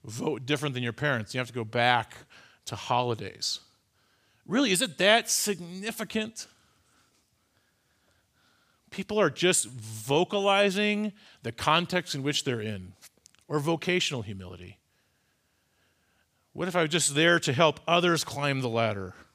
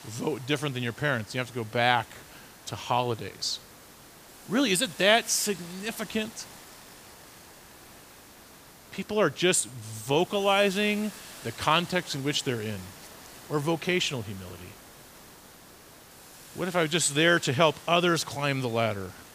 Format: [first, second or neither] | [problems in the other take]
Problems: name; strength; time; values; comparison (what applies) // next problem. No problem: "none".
first | hiss; noticeable; throughout; 20 dB below the speech